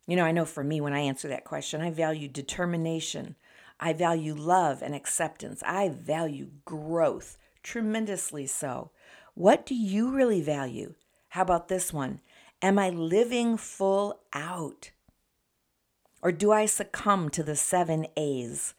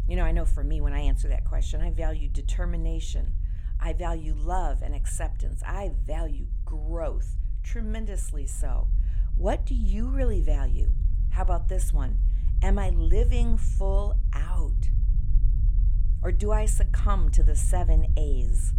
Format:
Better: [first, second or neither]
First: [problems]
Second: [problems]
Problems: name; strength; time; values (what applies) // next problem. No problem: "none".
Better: first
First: none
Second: low rumble; noticeable; throughout; 15 dB below the speech